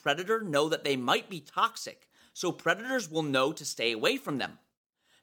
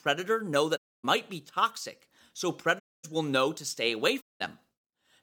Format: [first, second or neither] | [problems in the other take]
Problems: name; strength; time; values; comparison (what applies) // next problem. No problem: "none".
first | audio cutting out; at 1 s, at 3 s and at 4 s